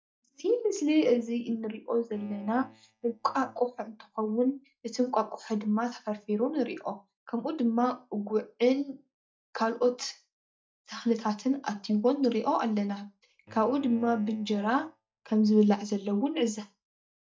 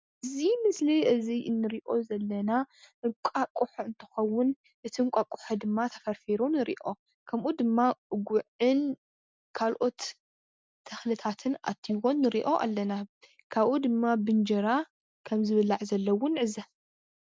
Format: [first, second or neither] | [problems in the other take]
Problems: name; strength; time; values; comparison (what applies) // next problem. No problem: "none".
second | noise reduction (neural mask model DeepFilterNet 3)